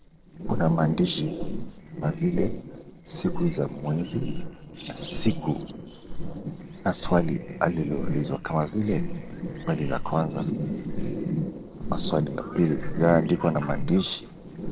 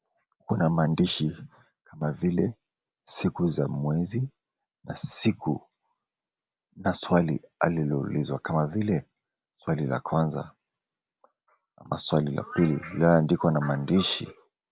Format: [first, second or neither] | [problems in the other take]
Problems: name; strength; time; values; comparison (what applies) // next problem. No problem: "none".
second | noise reduction (neural separator model SepFormer DNS4)